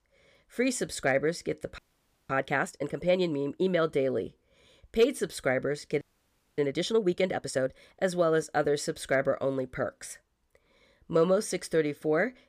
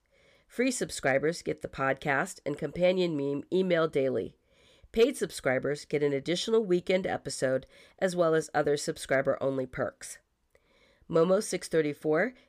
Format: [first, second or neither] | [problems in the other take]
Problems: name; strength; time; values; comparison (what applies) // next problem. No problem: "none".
second | audio freezing; at 2 s for 0.5 s and at 6 s for 0.5 s